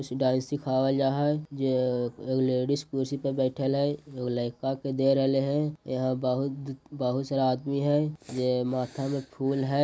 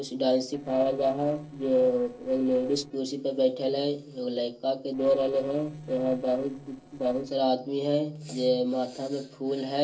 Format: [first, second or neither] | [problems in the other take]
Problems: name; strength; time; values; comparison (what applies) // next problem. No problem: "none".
first | noise reduction (neural separator model SepFormer DNS4)